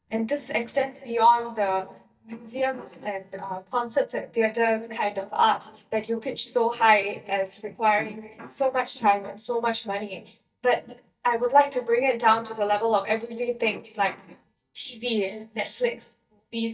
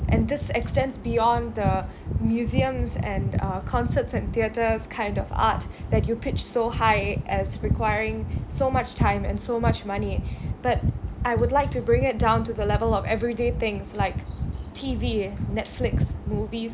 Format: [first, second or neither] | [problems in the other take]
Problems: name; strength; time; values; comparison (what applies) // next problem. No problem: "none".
second | noise reduction (neural mask model DeepFilterNet 3)